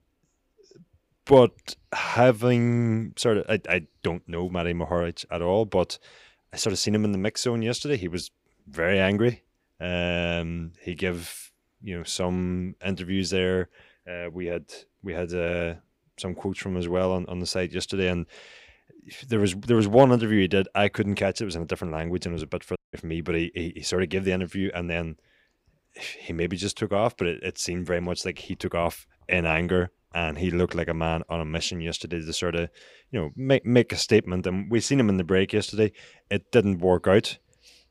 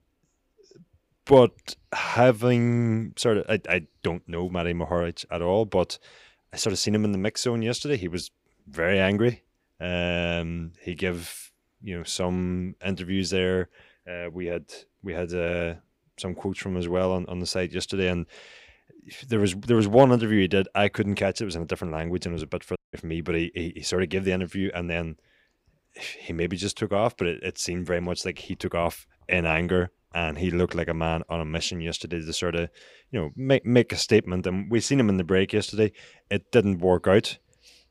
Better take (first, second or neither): neither